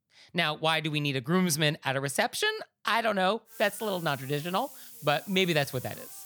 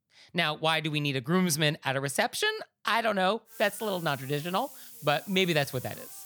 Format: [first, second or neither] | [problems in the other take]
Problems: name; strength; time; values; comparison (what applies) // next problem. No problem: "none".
neither | hiss; noticeable; from 3.5 s on; 15 dB below the speech; the same in both